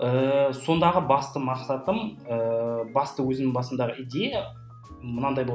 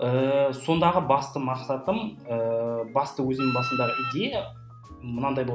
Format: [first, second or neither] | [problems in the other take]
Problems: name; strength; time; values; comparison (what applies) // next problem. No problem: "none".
first | background sound (Wind instrument, woodwind instrument); 5 dB below the speech